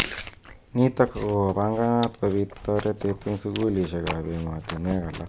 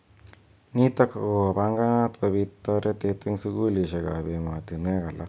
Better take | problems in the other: second | background sound (Chewing, mastication); 13 dB below the speech

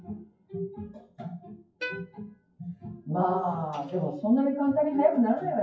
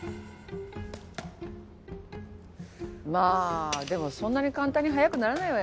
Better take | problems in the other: second | noise reduction (classical method WPE with log-MMSE)

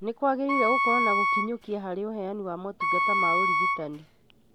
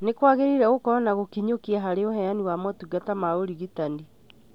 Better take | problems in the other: second | background sound (Wind instrument, woodwind instrument); 4 dB above the speech

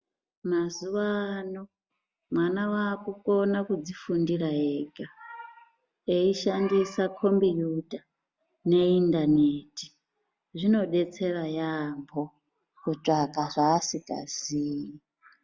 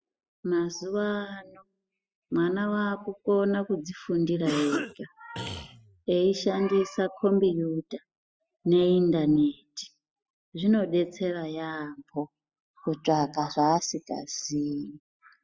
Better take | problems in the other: first | noise reduction (classical method spectral subtraction)

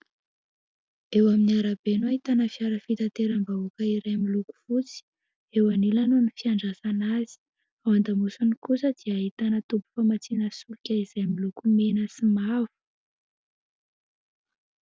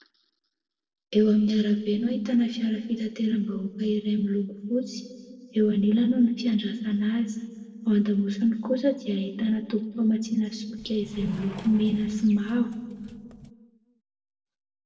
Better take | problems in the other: first | noise reduction (neural separator model SepFormer DNS4)

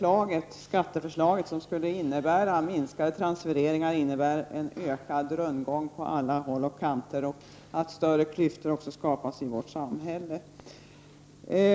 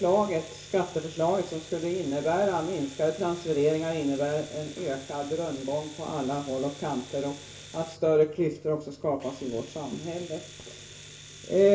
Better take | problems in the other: first | background sound (Domestic sounds, home sounds); 19 dB below the speech // room echo; dies away in 0.3 s

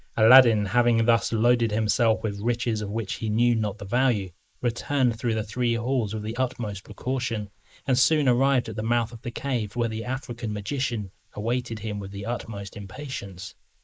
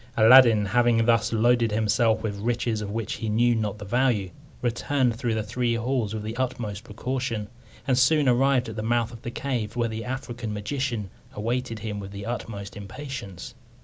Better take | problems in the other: second | noise reduction (neural mask model Resemble Enhance denoiser)

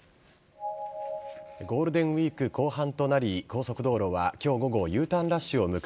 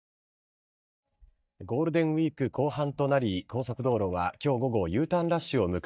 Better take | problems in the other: first | noise reduction (neural mask model DeepFilterNet 3)

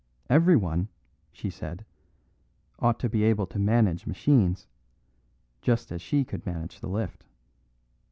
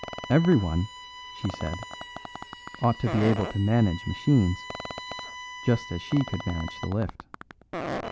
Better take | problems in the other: first | background sound (Fart + Bowed string instrument); 11 dB below the speech

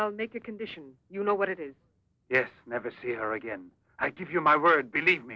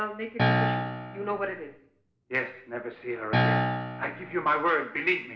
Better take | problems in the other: first | background sound (Piano); 4 dB above the speech // room echo; dies away in 0.6 s

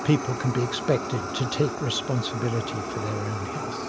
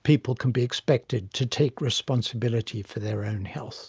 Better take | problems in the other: second | background sound (Fire); 5 dB below the speech

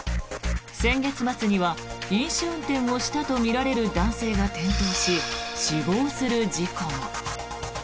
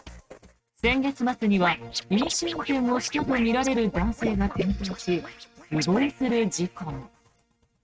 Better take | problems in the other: first | noise reduction (neural mask model RNNoise)

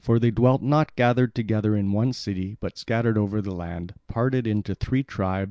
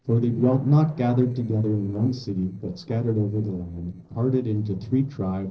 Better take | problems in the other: first | noise reduction (neural separator model SepFormer DNS4)

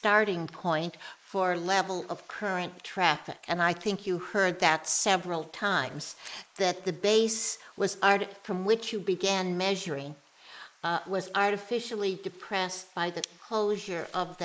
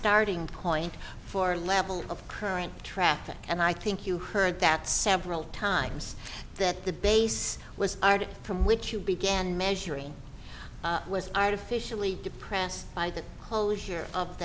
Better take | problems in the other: second | noise reduction (neural mask model Resemble Enhance denoiser)

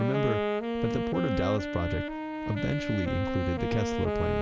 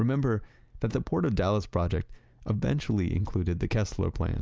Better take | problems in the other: second | background sound (Wind instrument, woodwind instrument); as loud as the speech

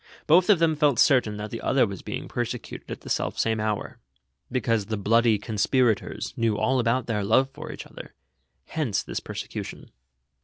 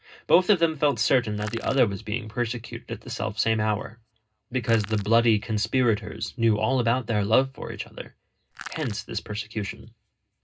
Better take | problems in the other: first | background sound (Crushing); 16 dB below the speech // room echo; dies away in 0.2 s

